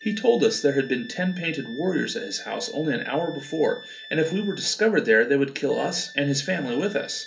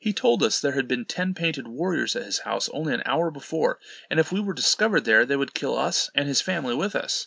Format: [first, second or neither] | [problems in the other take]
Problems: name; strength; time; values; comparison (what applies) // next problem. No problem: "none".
second | background sound (Wind instrument, woodwind instrument); 19 dB below the speech // room echo; dies away in 0.3 s